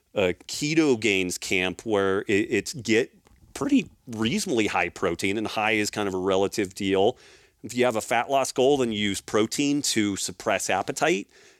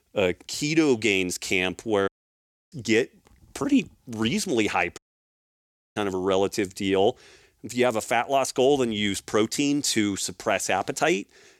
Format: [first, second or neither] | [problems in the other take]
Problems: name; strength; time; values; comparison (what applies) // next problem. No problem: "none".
first | audio cutting out; at 2 s for 0.5 s and at 5 s for 1 s